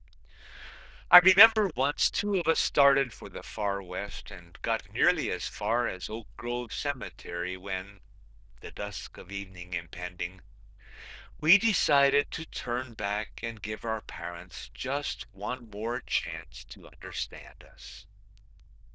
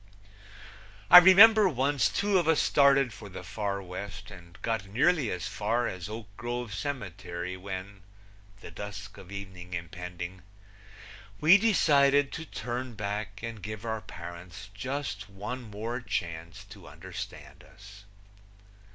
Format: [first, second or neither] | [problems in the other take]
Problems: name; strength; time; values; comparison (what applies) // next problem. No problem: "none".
second | noise reduction (neural diffusion model UNIVERSE++)